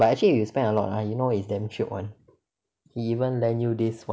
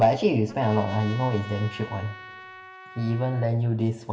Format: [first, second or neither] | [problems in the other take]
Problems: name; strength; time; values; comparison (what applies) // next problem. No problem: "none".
first | background sound (Trumpet); 17 dB below the speech // room echo; dies away in 0.9 s